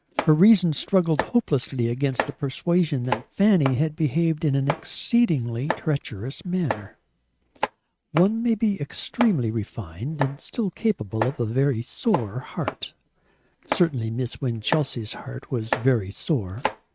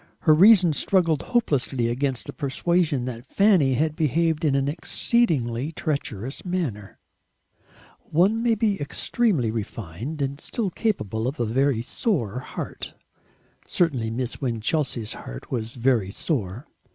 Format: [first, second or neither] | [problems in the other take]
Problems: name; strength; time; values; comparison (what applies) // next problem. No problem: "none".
second | noise reduction (neural mask model RNNoise)